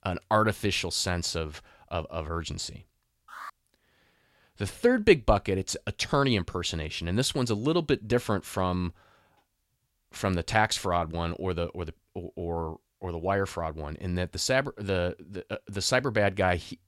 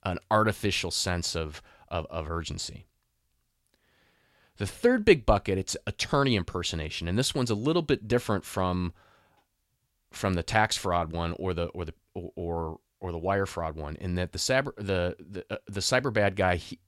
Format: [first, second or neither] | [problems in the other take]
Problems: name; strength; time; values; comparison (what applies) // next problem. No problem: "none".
second | alarm; faint; at 3.5 s; peak 15 dB below the speech